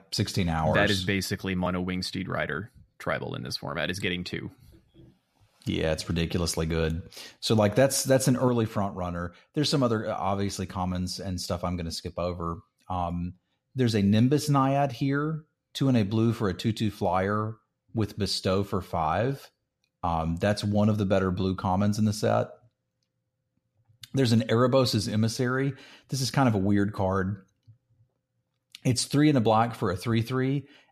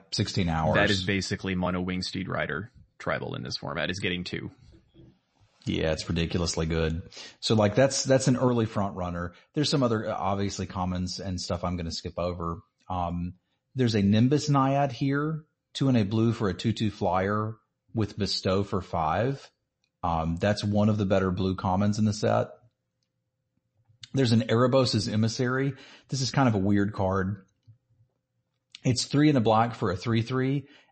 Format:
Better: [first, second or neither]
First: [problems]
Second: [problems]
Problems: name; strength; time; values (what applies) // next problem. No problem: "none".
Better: first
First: none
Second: garbled, watery; slightly; nothing above 8 kHz